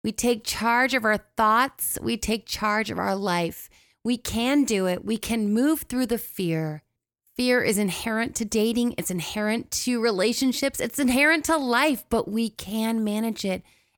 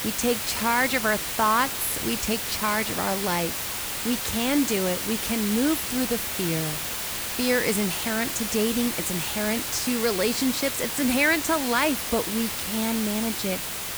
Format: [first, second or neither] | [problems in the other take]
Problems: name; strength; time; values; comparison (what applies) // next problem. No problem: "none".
first | hiss; loud; throughout; 2 dB below the speech